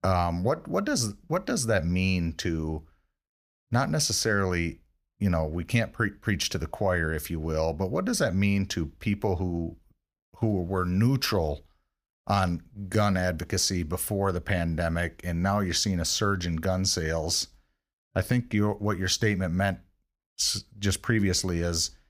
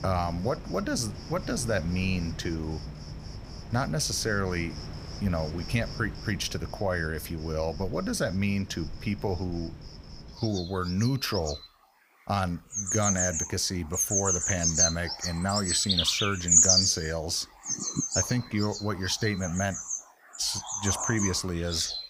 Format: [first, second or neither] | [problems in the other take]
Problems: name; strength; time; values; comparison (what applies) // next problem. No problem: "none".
first | animal sounds; very loud; throughout; 2 dB above the speech